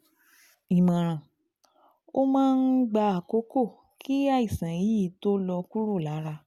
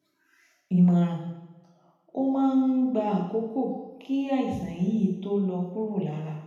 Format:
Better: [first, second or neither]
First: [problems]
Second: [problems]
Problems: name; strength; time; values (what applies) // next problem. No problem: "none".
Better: first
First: none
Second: room echo; dies away in 0.9 s